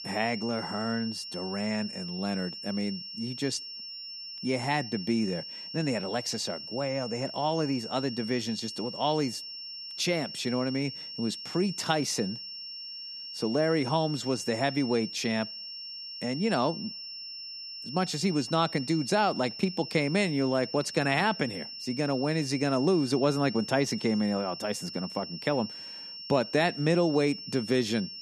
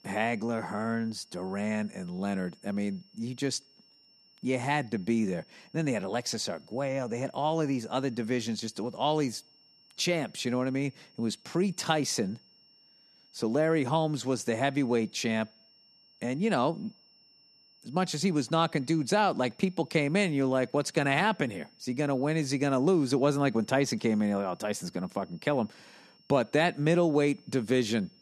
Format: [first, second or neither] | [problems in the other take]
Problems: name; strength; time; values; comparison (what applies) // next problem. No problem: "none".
second | high-pitched whine; loud; throughout; 5.5 kHz, 9 dB below the speech; faint in the second